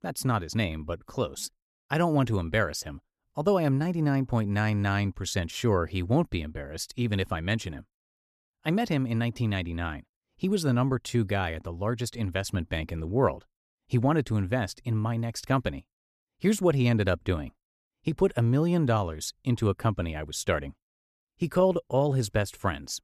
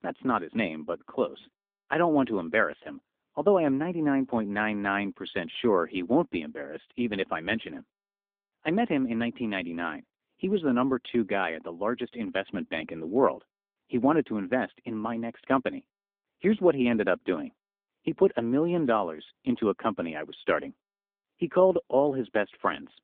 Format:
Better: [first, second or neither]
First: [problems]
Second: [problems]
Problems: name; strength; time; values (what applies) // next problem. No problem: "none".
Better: first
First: none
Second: phone-call audio